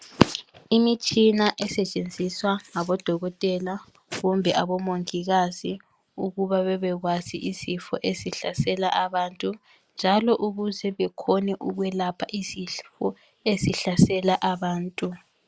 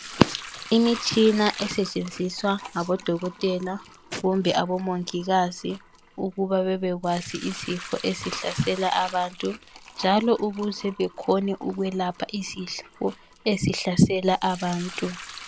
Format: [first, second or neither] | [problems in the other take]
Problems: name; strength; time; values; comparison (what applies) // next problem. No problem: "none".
first | background sound (Sink (filling or washing) / Liquid); 17 dB below the speech